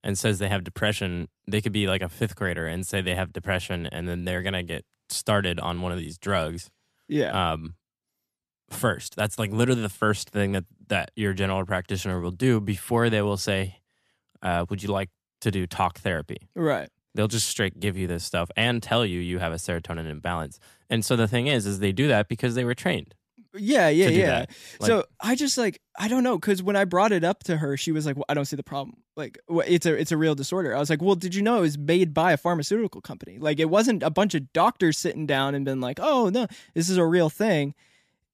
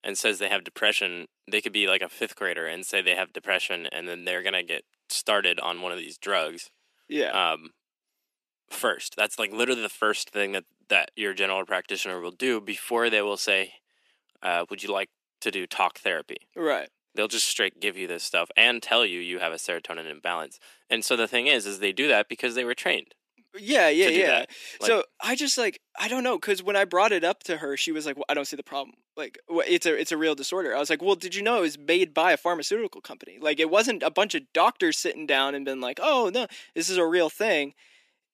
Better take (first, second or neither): first